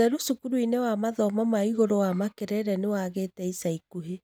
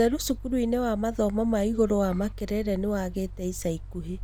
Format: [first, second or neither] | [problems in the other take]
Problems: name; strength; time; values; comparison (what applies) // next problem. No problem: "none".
first | background sound (Mechanical fan); 12 dB below the speech